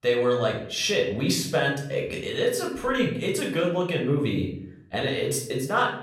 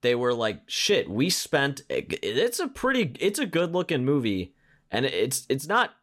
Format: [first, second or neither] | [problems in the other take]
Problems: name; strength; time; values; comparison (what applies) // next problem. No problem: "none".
second | room echo; slight; dies away in 0.6 s // off-mic speech; somewhat distant